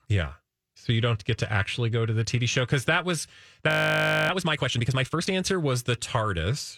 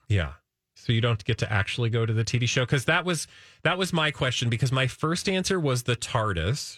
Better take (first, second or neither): second